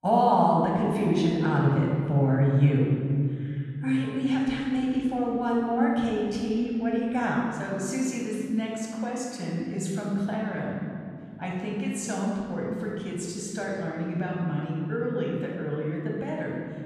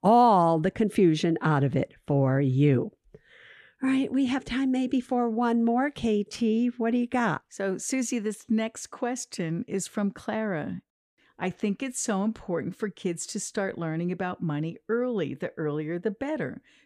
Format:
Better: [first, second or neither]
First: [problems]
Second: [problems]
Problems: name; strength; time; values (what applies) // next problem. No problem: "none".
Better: second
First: off-mic speech; far // room echo; noticeable; dies away in 2.6 s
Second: none